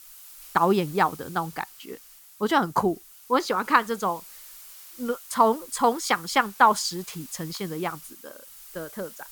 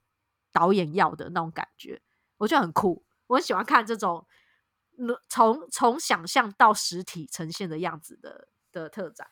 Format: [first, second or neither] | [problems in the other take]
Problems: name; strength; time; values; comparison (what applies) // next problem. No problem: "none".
second | hiss; noticeable; throughout; 20 dB below the speech